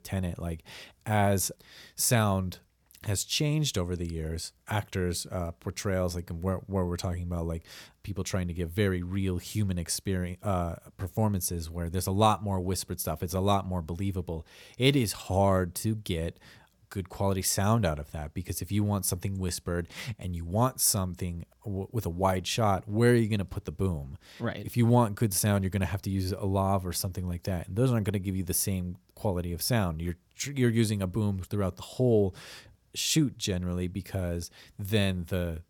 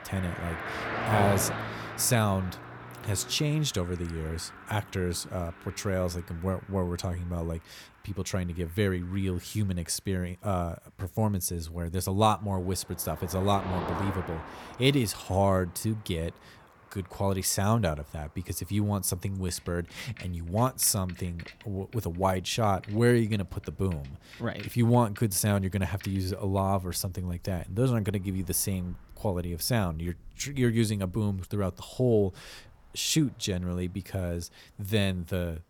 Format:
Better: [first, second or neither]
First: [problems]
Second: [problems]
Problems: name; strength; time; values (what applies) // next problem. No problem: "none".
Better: first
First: none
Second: traffic noise; noticeable; throughout; 10 dB below the speech